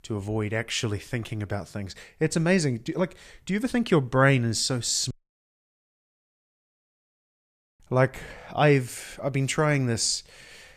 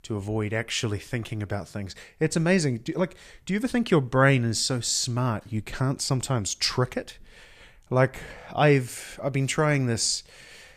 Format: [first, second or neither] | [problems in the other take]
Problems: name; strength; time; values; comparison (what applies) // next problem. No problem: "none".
second | audio cutting out; at 5 s for 2.5 s